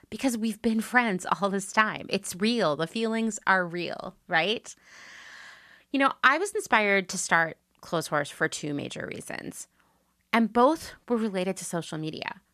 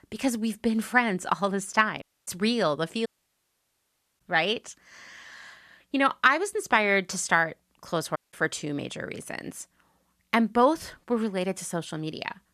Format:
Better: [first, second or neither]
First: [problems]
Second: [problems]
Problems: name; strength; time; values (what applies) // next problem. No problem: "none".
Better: first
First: none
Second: audio cutting out; at 2 s, at 3 s for 1 s and at 8 s